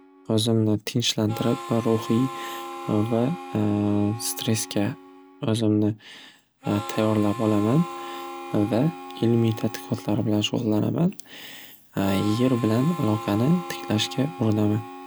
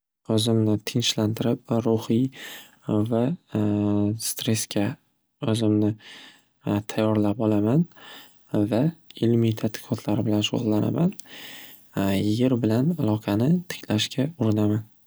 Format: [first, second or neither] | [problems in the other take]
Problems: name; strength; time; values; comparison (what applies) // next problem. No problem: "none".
second | background sound (Harmonica); 14 dB below the speech